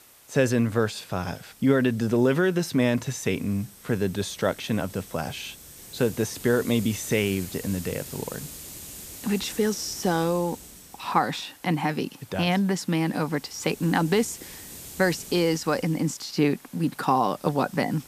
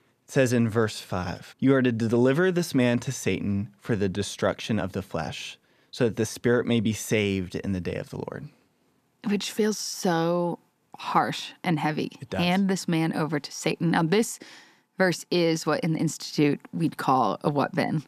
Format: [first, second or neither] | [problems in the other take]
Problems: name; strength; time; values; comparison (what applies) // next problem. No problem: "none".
second | hiss; noticeable; throughout; 15 dB below the speech